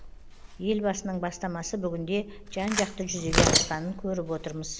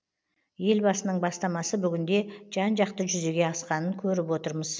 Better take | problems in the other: second | background sound (Tearing); 1 dB below the speech

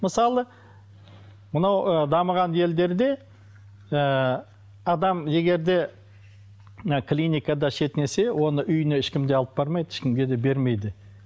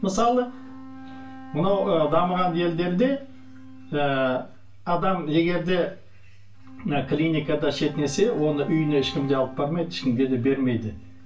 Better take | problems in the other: first | background sound (Wind instrument, woodwind instrument); 19 dB below the speech // room echo; dies away in 0.3 s

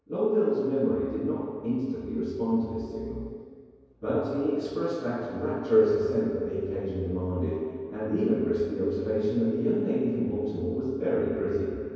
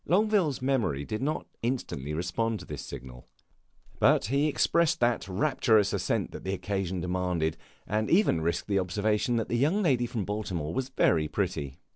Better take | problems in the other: second | room echo; dies away in 2.2 s

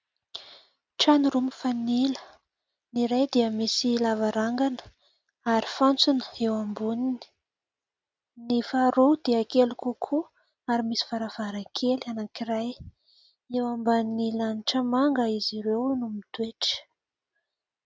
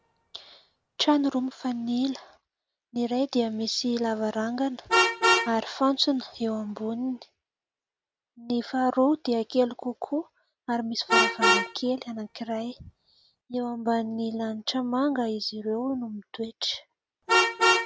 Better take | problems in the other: first | background sound (Vehicle horn, car horn, honking); 2 dB below the speech

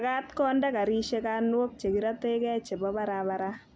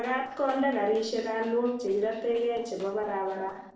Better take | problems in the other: first | noise reduction (neural separator model SepFormer DNS4)

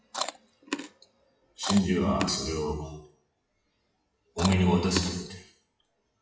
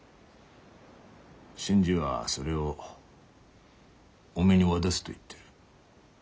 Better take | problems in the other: second | noise reduction (classical method WPE with log-MMSE)

